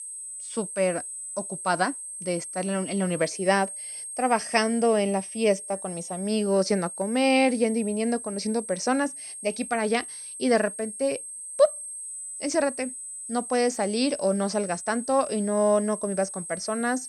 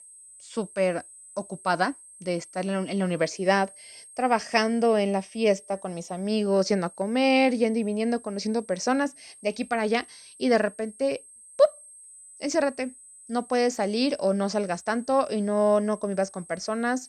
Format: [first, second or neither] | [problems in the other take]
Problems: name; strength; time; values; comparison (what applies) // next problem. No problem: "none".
second | high-pitched whine; loud; throughout; 8.5 kHz, 9 dB below the speech; faint in the second